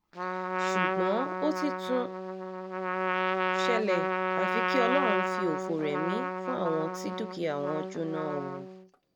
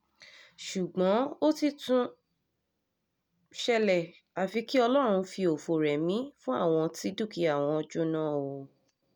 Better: second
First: background sound (Trumpet); 2 dB above the speech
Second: none

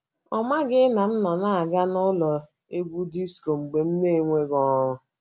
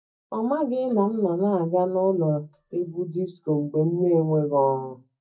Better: first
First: none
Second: noise reduction (neural mask model DeepFilterNet 3)

